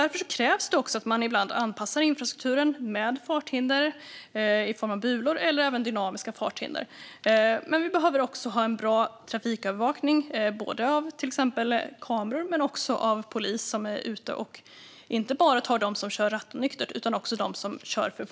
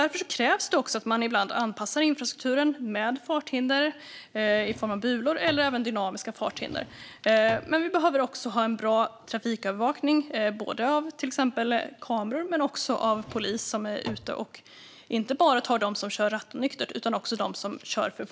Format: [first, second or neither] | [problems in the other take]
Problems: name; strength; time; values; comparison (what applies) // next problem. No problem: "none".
first | background sound (Drawer open or close); 18 dB below the speech